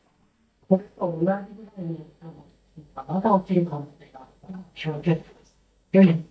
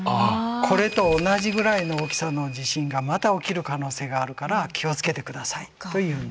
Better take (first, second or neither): second